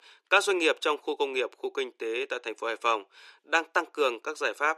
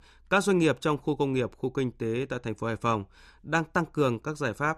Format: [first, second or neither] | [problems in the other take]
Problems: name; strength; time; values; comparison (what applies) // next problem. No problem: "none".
second | thin; very; fading below 350 Hz